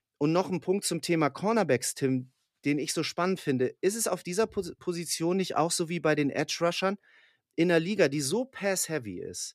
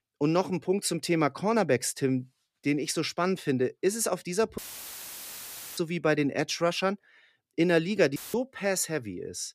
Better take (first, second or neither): first